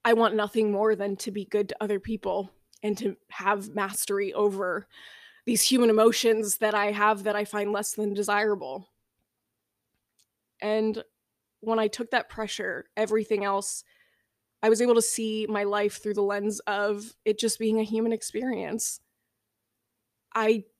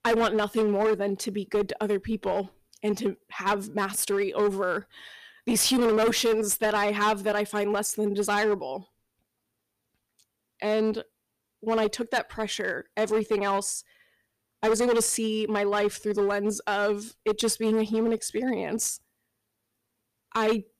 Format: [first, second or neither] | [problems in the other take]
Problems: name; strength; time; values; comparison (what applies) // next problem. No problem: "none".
first | distortion; slight; 7% of the sound clipped